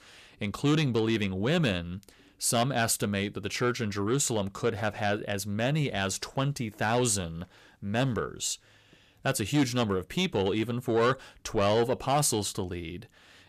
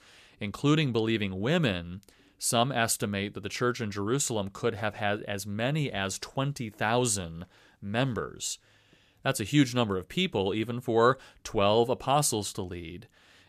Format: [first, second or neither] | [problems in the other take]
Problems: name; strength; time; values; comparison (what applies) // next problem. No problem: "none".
second | distortion; slight; 10 dB below the speech